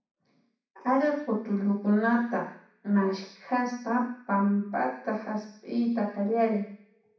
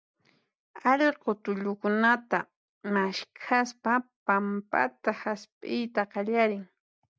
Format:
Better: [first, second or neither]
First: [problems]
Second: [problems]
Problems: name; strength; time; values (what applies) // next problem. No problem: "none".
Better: second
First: room echo; dies away in 0.6 s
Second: none